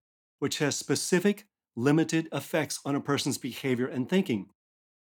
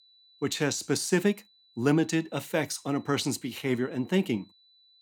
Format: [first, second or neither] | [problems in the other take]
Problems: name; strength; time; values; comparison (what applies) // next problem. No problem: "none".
first | high-pitched whine; faint; throughout; 4 kHz, 30 dB below the speech